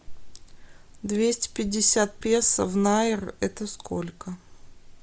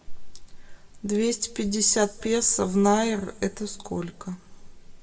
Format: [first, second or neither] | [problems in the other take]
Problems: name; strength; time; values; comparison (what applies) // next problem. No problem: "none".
first | room echo; dies away in 2.2 s